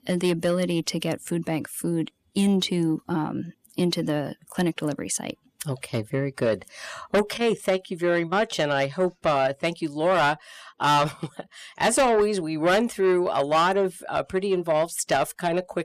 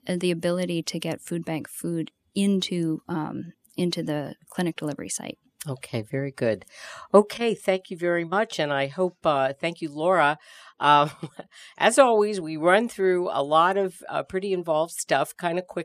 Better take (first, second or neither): second